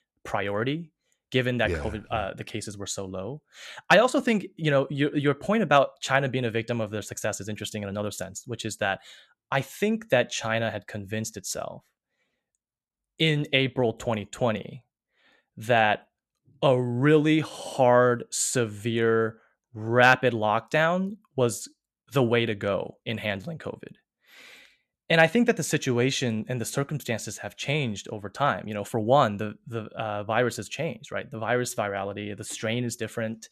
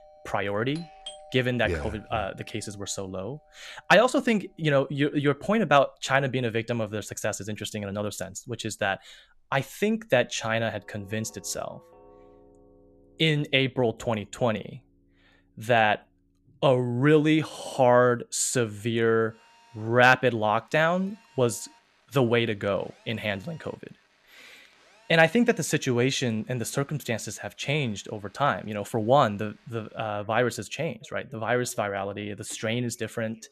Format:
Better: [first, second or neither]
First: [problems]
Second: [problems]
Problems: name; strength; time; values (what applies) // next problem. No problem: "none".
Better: first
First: none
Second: alarms or sirens; faint; throughout; 30 dB below the speech